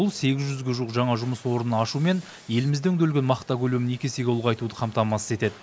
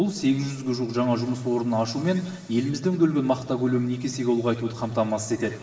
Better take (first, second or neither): first